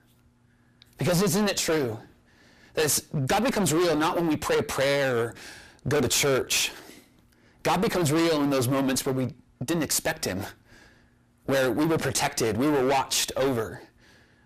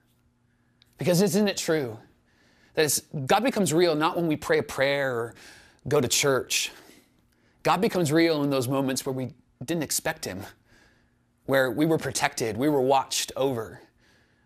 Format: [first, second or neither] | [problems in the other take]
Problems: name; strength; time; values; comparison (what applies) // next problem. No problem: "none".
second | distortion; heavy; 17% of the sound clipped